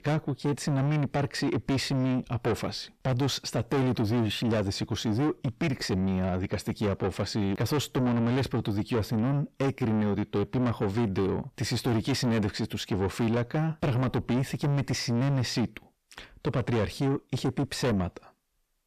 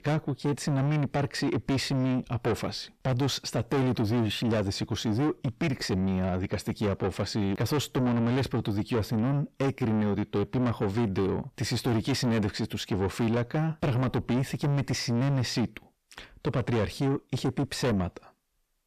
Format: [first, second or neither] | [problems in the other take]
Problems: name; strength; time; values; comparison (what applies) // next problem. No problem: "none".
neither | distortion; heavy; 6 dB below the speech; the same in both